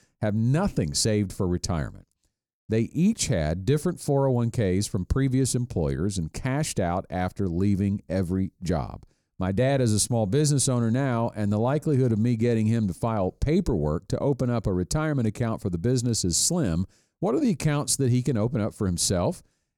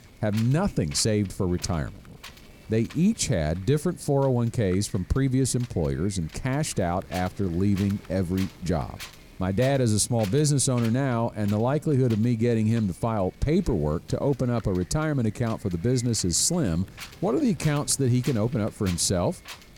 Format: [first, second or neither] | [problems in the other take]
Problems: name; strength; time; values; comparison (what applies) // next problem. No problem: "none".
first | wind noise on the microphone; occasional gusts; 15 dB below the speech